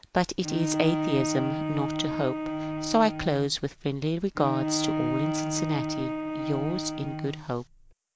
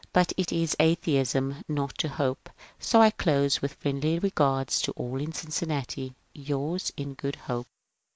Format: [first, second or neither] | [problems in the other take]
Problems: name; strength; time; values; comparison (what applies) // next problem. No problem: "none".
second | background sound (Bowed string instrument); 2 dB below the speech